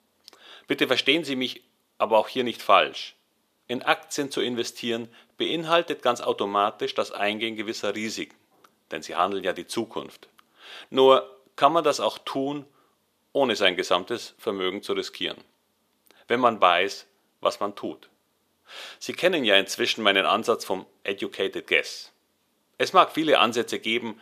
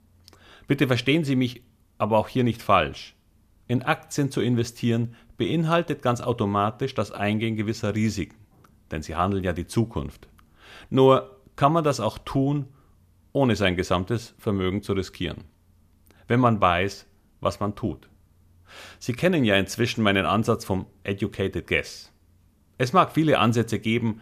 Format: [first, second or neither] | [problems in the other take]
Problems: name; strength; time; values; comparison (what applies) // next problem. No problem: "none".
second | thin; somewhat; fading below 450 Hz